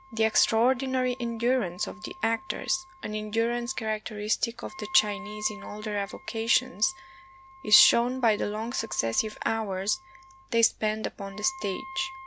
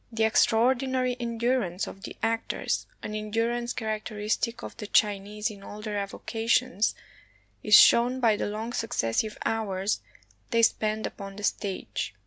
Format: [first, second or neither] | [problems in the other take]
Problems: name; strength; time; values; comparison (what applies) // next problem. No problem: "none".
second | background sound (Wind instrument, woodwind instrument); 19 dB below the speech